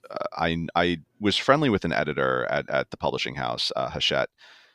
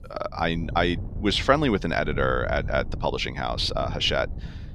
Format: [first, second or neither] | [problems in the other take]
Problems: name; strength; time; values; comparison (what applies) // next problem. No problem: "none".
first | wind noise on the microphone; occasional gusts; 20 dB below the speech